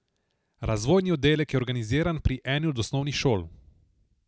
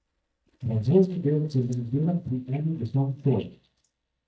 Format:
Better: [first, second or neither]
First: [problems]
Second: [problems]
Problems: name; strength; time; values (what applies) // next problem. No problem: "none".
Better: first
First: none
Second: noise reduction (neural mask model DeepFilterNet 3)